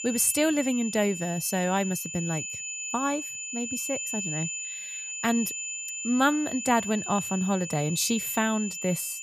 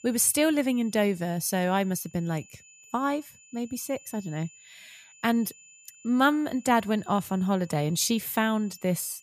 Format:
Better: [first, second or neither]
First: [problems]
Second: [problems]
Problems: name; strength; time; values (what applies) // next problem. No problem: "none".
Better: second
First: high-pitched whine; loud; throughout; 7 kHz, 5 dB below the speech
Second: high-pitched whine; faint; throughout; 7 kHz, 25 dB below the speech